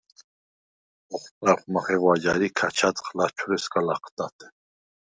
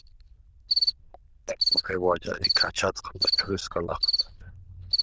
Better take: first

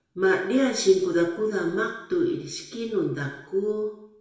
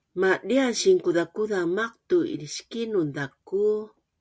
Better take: second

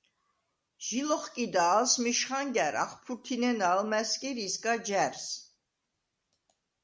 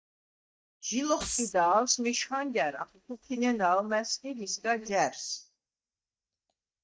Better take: first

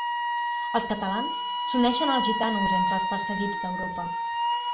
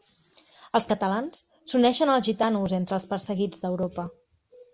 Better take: second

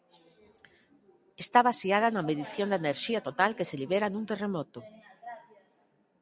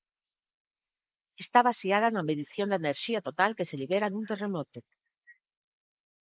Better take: first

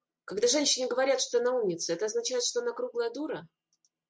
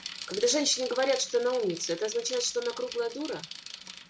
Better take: first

